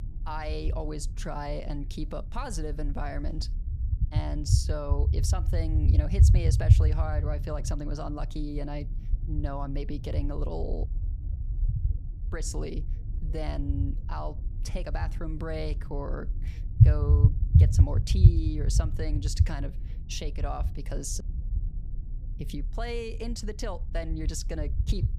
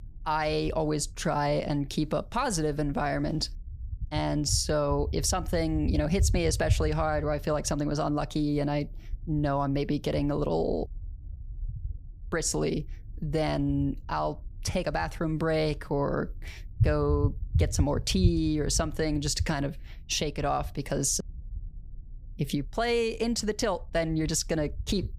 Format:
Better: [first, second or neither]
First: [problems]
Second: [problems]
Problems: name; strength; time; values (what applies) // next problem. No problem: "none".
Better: second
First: low rumble; loud; throughout; 5 dB below the speech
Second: low rumble; faint; throughout; 20 dB below the speech